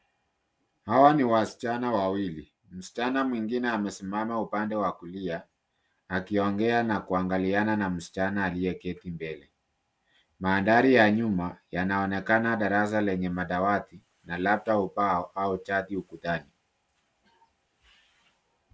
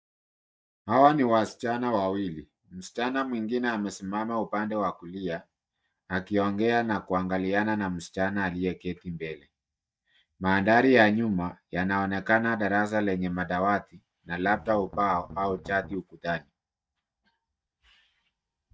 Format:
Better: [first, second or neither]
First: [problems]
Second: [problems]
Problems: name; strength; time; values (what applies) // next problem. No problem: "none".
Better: first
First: none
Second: noise reduction (neural mask model DeepFilterNet 3)